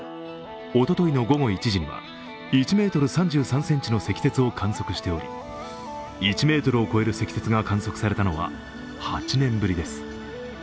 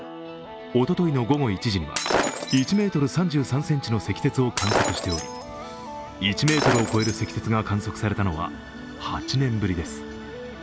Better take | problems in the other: first | background sound (Shatter); 4 dB below the speech

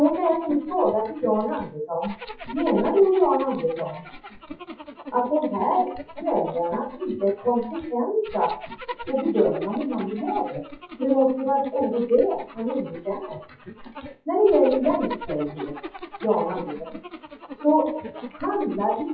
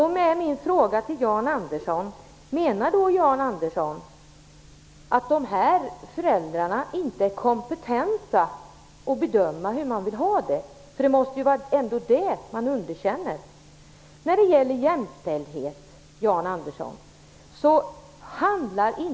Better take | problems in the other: second | noise reduction (classical method WPE with log-MMSE)

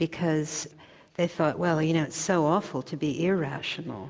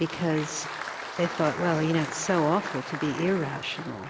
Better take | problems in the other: first | background sound (Applause); 8 dB below the speech

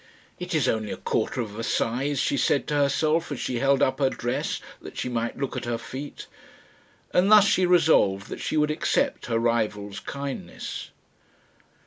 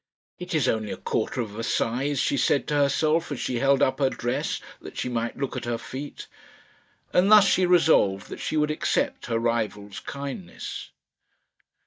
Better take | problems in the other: first | noise reduction (neural mask model DeepFilterNet 3)

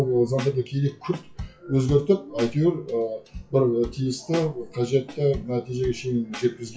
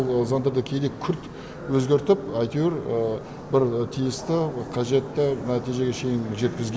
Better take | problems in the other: second | noise reduction (classical method WPE with log-MMSE)

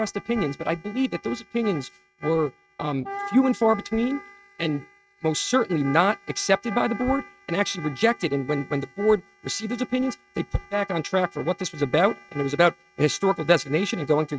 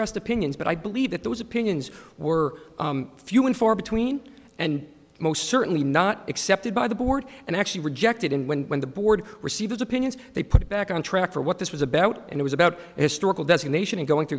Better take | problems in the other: second | noise reduction (neural mask model RNNoise)

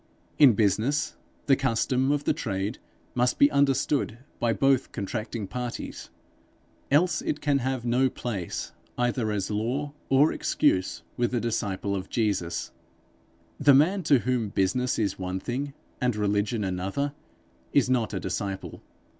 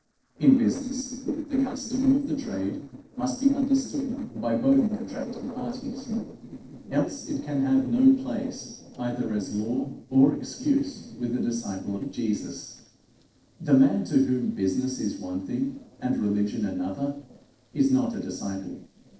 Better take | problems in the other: first | noise reduction (neural separator model SepFormer DNS4)

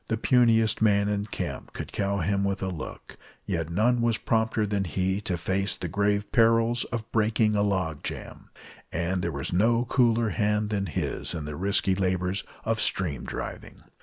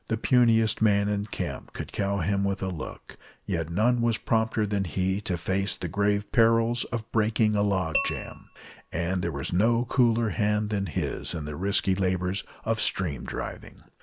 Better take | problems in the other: first | background sound (Tap / Glass); 10 dB below the speech

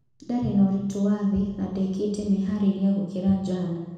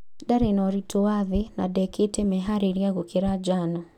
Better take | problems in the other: second | room echo; dies away in 1 s

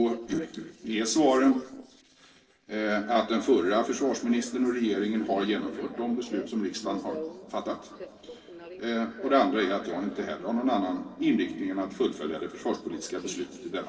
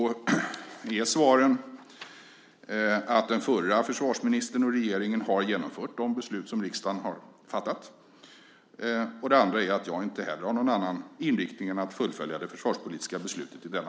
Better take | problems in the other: second | noise reduction (neural separator model SepFormer DNS4)

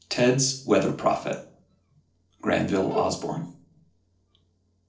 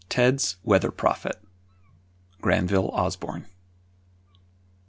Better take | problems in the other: second | noise reduction (neural separator model SepFormer DNS4)

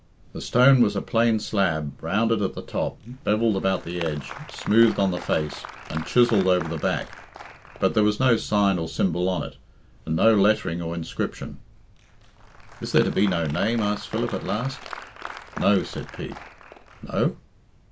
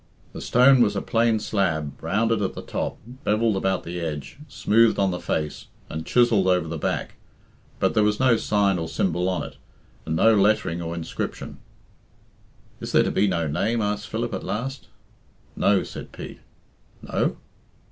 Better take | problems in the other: second | background sound (Applause); 18 dB below the speech

